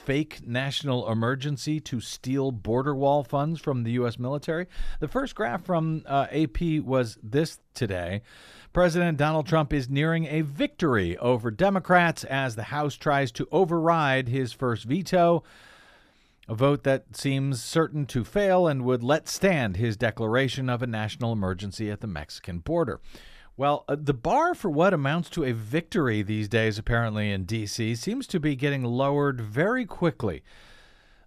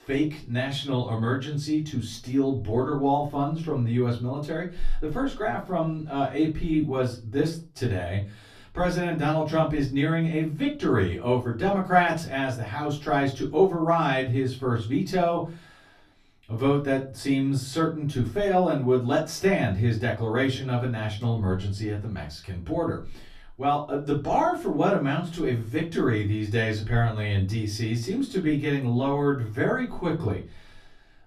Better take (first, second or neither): first